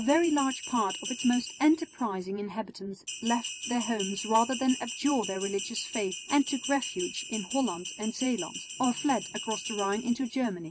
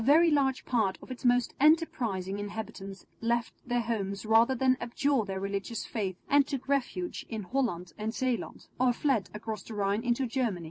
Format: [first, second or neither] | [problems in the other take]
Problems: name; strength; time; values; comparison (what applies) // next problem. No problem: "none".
second | background sound (Bell); 9 dB below the speech